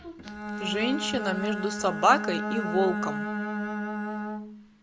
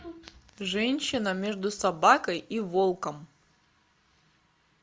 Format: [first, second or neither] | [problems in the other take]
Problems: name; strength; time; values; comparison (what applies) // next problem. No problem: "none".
second | background sound (Bowed string instrument); 3 dB below the speech